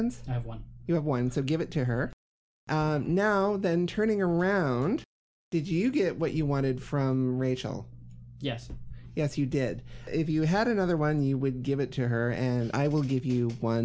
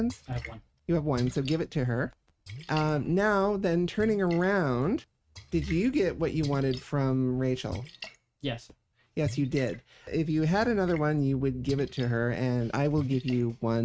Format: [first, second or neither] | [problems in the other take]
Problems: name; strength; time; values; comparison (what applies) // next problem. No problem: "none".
first | noise reduction (neural mask model RNNoise)